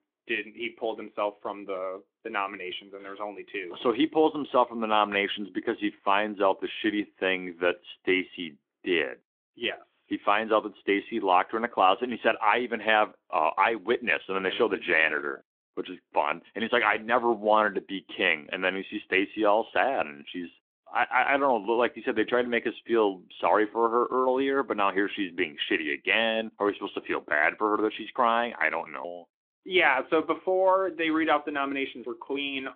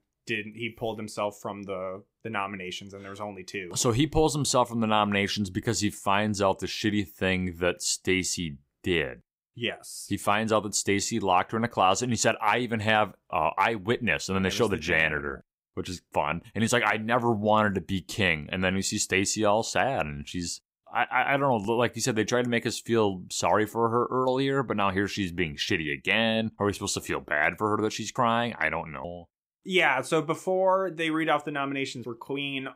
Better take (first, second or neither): second